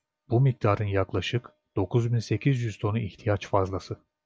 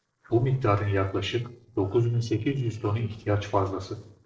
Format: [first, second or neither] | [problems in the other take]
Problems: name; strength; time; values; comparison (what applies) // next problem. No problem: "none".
first | noise reduction (neural separator model SepFormer DNS4)